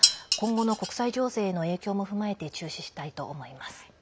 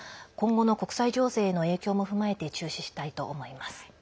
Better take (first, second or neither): second